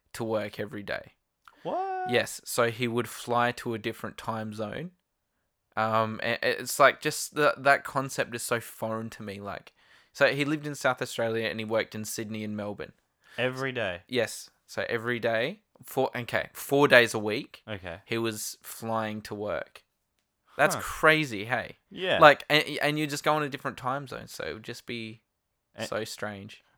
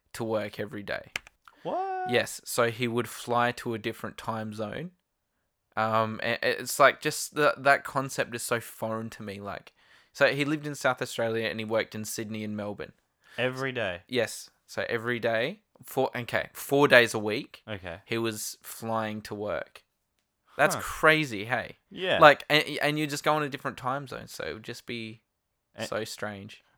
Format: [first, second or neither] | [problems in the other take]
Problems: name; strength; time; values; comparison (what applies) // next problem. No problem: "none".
first | keyboard typing; very faint; at 1 s; peak 10 dB below the speech